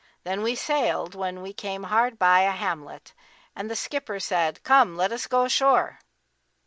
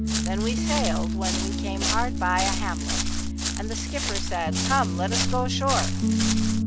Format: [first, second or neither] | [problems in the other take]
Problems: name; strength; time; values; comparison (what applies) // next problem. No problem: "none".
first | background sound (Piano + Walk, footsteps); 5 dB above the speech